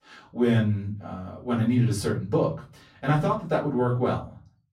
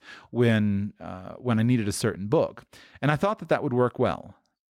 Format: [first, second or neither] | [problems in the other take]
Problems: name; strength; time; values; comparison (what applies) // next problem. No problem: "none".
second | off-mic speech; far // room echo; slight; dies away in 0.4 s